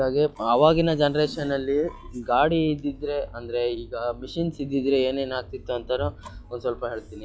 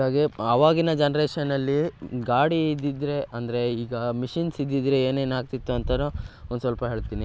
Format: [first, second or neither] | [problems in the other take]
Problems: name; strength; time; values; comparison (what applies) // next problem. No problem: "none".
second | noise reduction (classical method log-MMSE)